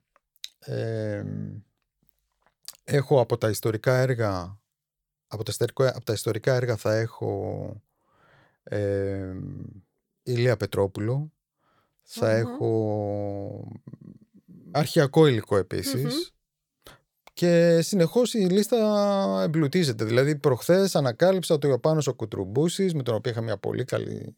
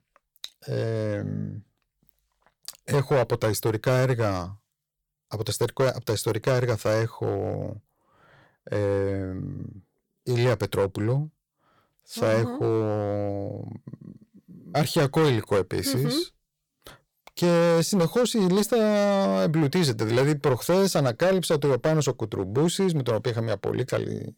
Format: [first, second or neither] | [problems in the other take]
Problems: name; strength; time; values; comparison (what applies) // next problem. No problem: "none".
first | distortion; slight; 8% of the sound clipped